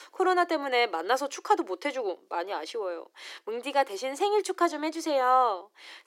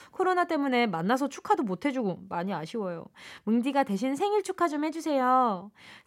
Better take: second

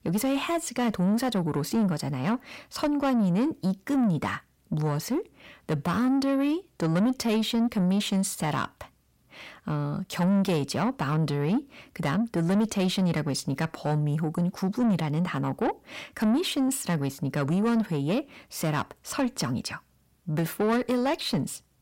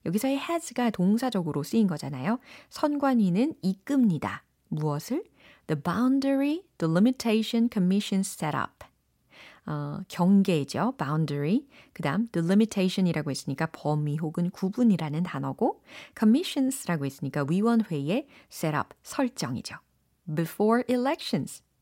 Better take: second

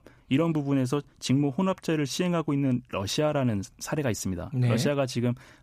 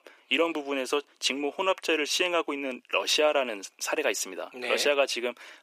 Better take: first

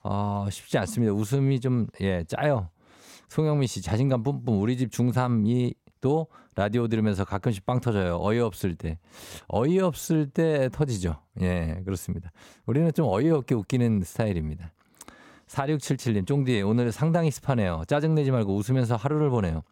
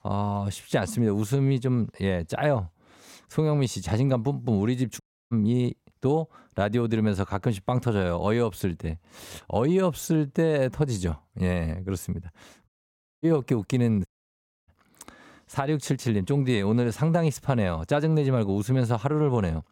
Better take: first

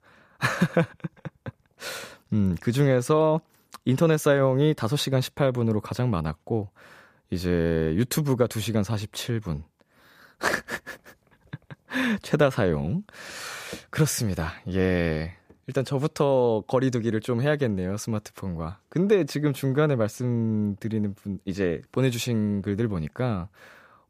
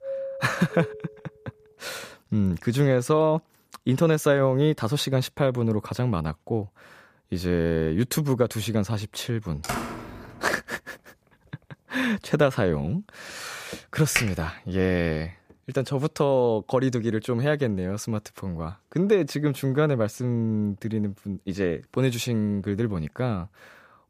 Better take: first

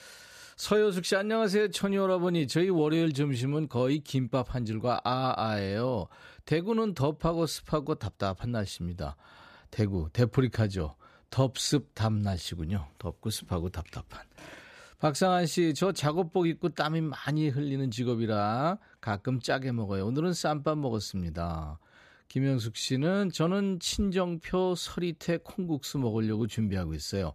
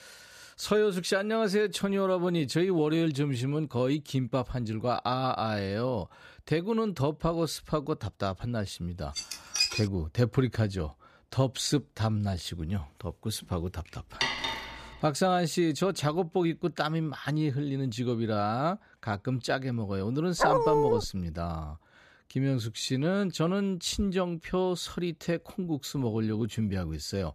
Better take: first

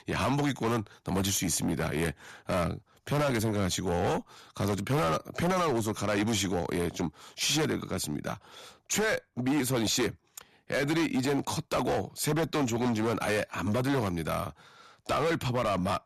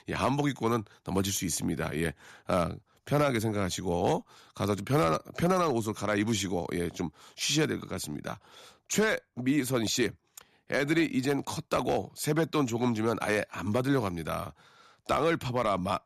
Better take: second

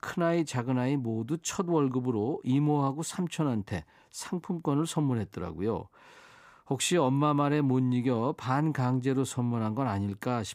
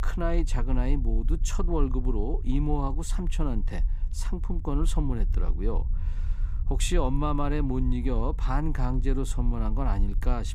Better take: first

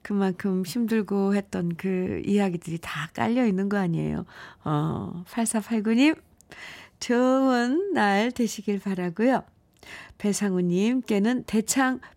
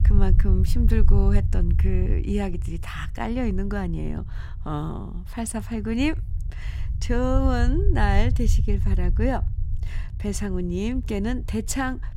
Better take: first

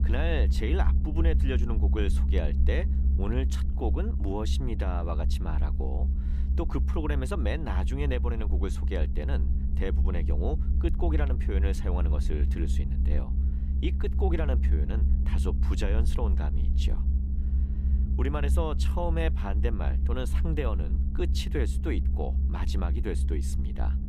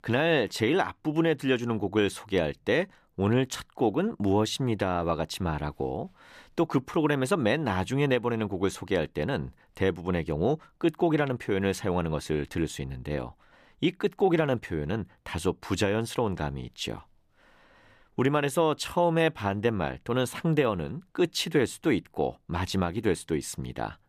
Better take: second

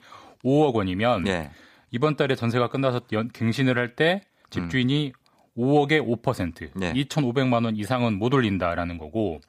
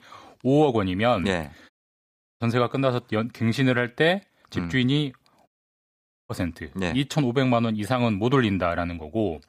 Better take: first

